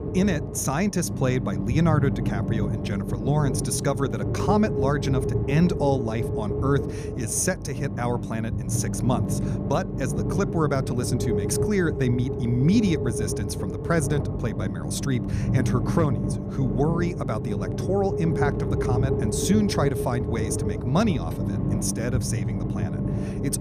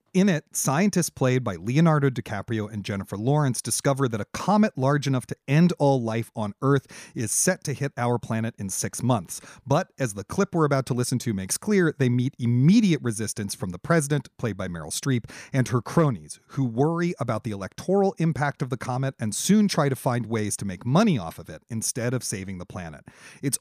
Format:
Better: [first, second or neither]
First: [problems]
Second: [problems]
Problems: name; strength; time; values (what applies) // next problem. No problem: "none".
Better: second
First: low rumble; loud; throughout; 4 dB below the speech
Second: none